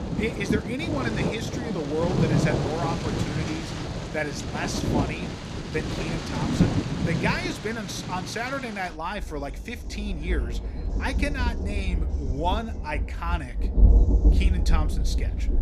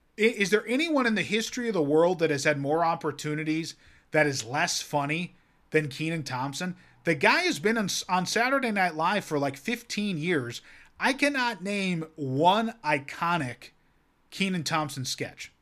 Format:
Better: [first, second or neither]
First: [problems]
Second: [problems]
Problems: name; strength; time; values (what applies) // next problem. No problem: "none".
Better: second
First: rain or running water; very loud; throughout; 5 dB above the speech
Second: none